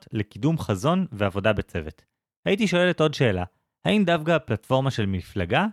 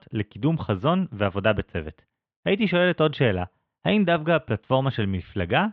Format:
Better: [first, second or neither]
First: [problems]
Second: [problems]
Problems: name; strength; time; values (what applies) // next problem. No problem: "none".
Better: first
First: none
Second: muffled; very; fading above 3.5 kHz